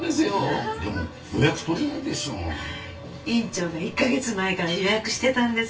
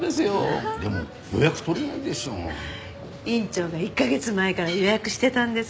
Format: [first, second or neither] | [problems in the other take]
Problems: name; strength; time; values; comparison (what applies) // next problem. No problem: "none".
second | room echo; dies away in 0.1 s